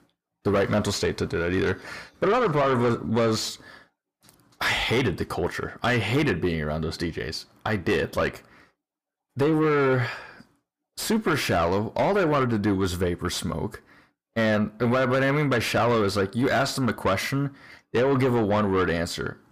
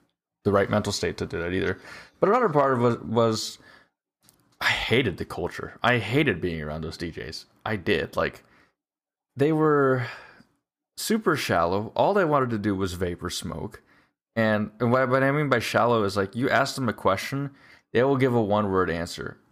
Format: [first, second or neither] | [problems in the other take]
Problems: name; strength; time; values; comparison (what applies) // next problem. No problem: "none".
second | distortion; heavy; 8 dB below the speech